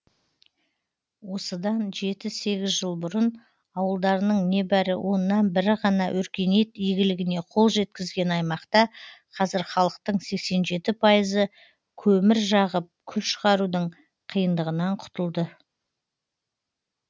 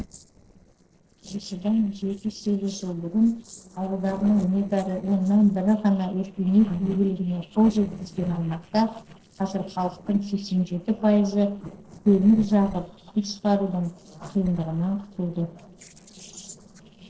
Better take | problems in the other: first | noise reduction (neural separator model SepFormer DNS4)

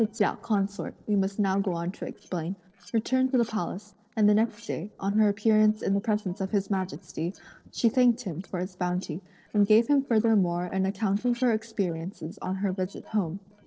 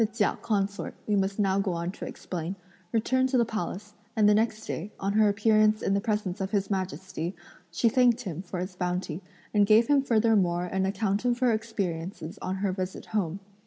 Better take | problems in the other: second | noise reduction (neural separator model SepFormer DNS4)

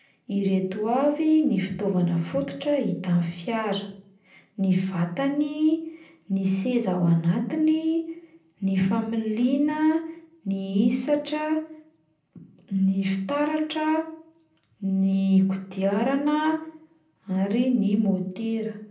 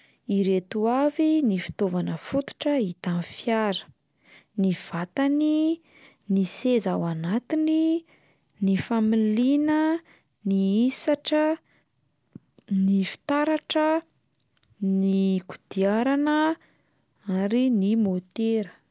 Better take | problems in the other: second | room echo; dies away in 0.6 s

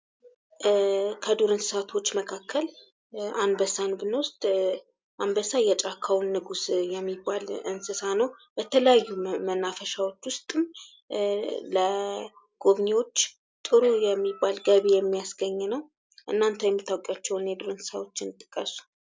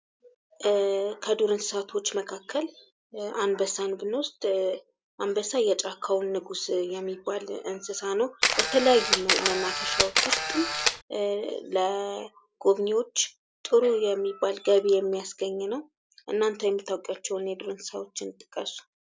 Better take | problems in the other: first | background sound (Camera); 2 dB above the speech

